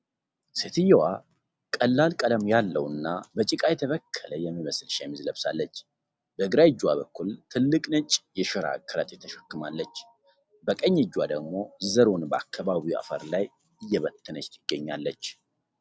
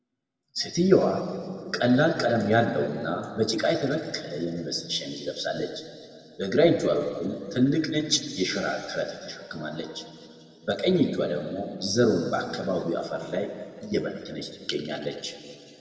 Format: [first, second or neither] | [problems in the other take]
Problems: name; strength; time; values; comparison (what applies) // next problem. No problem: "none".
first | room echo; dies away in 2.2 s